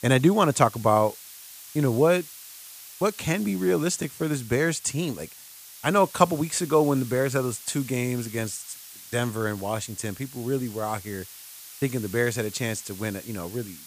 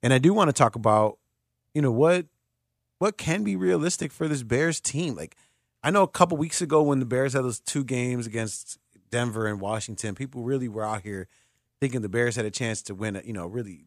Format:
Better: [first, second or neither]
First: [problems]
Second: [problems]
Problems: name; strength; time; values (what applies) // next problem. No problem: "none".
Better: second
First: hiss; noticeable; throughout; 15 dB below the speech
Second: none